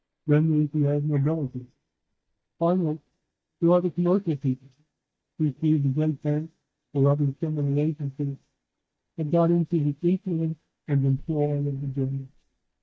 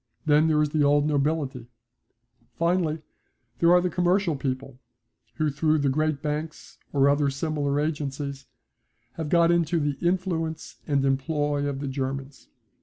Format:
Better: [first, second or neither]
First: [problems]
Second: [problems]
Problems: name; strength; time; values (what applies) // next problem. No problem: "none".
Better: second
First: noise reduction (neural mask model DeepFilterNet 3)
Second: none